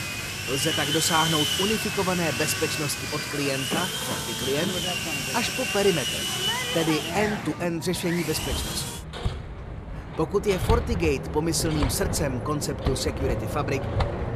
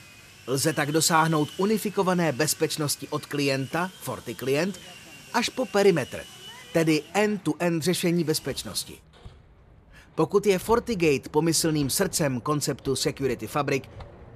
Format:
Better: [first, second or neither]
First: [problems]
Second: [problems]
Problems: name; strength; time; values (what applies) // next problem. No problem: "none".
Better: second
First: machinery noise; loud; throughout; as loud as the speech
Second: machinery noise; faint; throughout; 20 dB below the speech